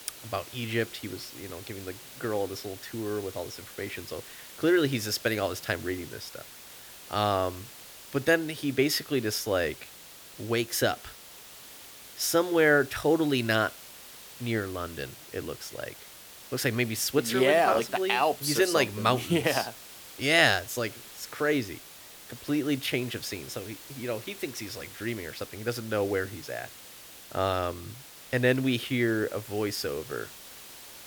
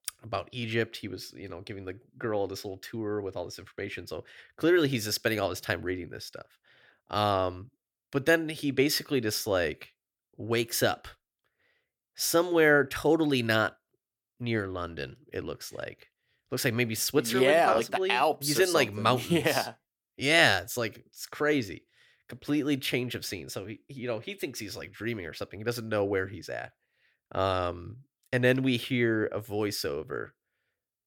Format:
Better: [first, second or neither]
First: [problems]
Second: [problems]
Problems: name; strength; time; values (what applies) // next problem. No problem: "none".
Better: second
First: hiss; noticeable; throughout; 15 dB below the speech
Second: none